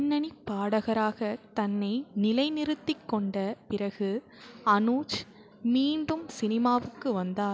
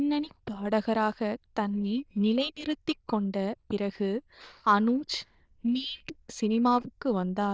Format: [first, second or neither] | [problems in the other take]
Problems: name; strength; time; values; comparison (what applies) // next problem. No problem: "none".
first | noise reduction (neural diffusion model UNIVERSE++)